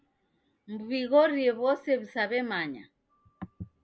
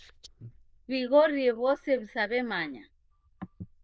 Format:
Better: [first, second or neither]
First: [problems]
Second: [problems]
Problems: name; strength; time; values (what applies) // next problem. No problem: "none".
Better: first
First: none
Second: noise reduction (neural diffusion model UNIVERSE++)